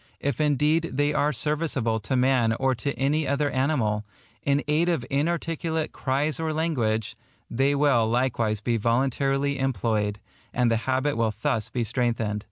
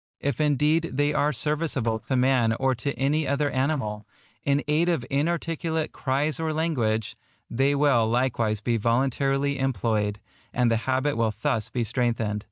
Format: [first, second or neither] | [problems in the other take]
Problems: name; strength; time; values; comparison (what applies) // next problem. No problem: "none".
first | noise reduction (neural mask model DeepFilterNet 3)